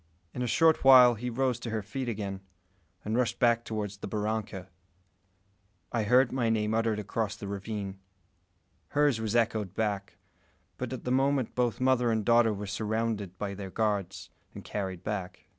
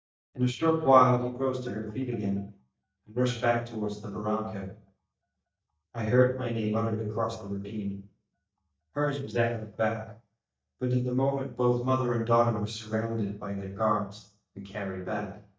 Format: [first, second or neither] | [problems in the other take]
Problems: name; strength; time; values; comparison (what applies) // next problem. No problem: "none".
first | noise reduction (neural mask model DeepFilterNet 3)